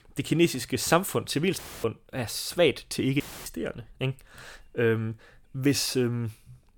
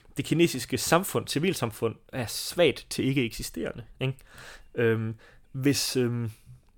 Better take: second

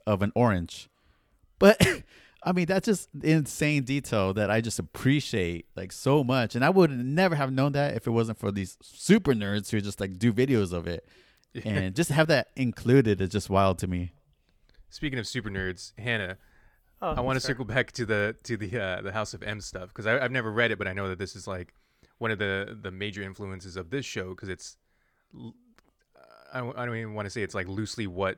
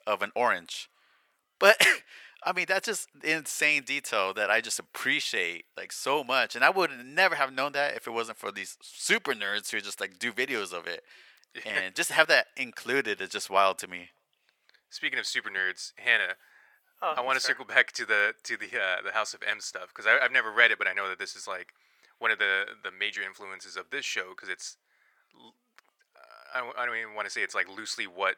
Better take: first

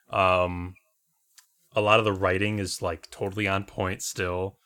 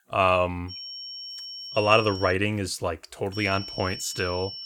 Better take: first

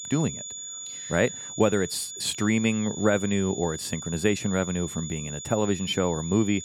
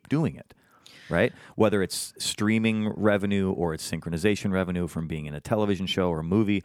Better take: second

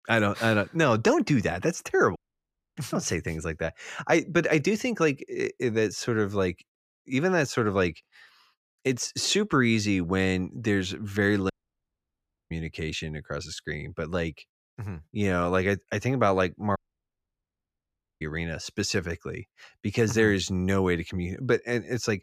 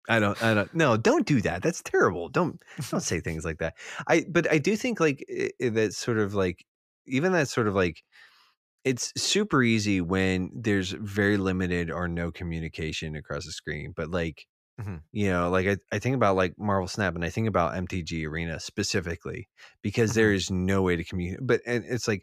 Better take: second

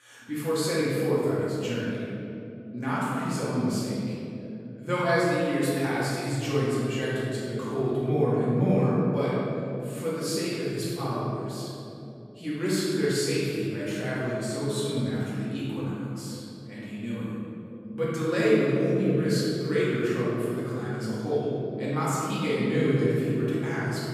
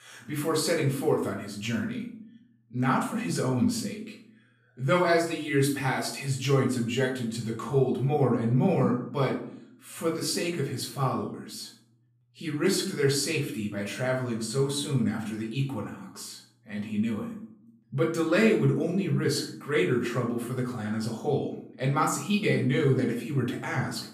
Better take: second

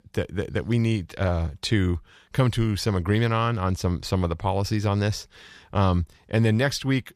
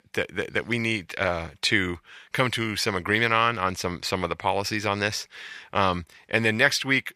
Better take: first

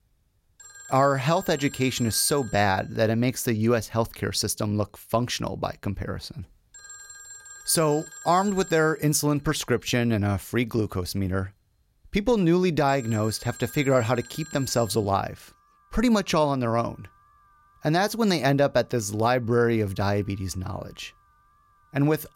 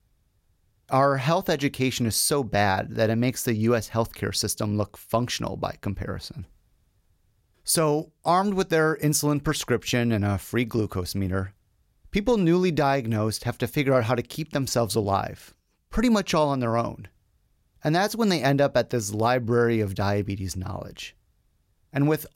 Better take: second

